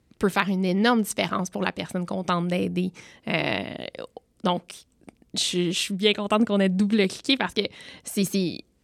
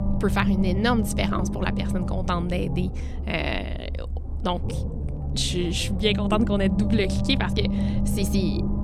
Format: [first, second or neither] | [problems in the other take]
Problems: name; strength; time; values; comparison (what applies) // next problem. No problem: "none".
first | low rumble; loud; throughout; 8 dB below the speech